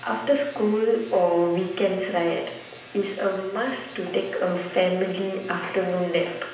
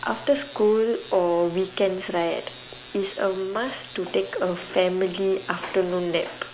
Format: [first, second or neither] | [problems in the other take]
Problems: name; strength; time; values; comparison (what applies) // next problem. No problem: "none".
second | room echo; dies away in 0.8 s